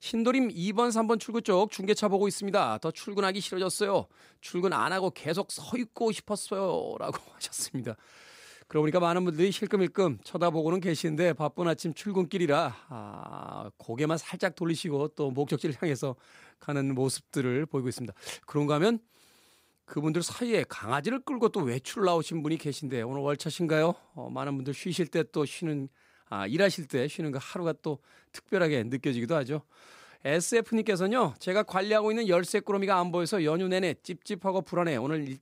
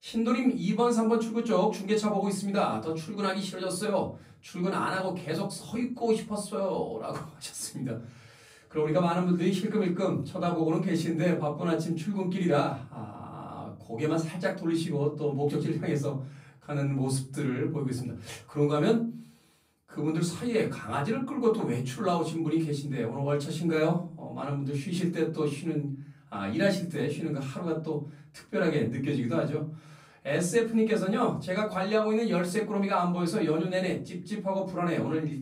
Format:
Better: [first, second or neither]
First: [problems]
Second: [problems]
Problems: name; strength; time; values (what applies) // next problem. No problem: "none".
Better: first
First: none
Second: off-mic speech; far // room echo; slight; dies away in 0.5 s